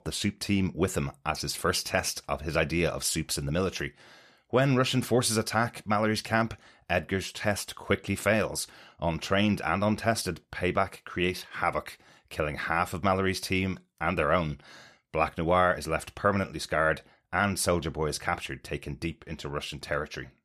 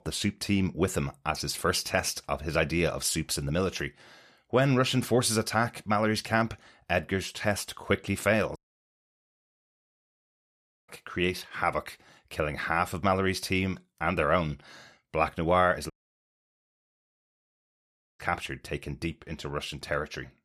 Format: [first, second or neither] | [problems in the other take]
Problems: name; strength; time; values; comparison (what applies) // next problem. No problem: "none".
first | audio cutting out; at 8.5 s for 2.5 s and at 16 s for 2.5 s